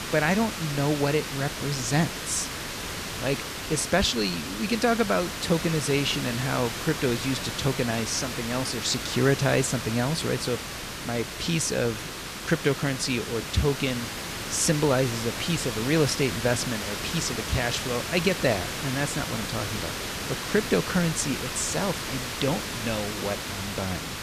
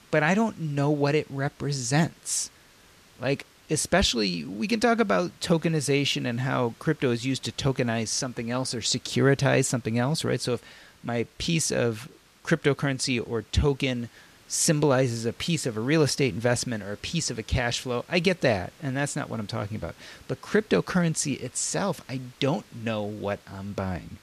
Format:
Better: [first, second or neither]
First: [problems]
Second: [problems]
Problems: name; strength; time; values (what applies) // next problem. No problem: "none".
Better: second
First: hiss; loud; throughout; 5 dB below the speech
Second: hiss; faint; throughout; 25 dB below the speech